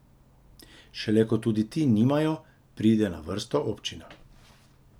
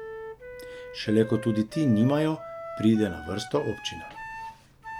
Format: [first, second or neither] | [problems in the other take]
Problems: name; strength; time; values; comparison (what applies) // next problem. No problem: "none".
first | background sound (Wind instrument, woodwind instrument); 12 dB below the speech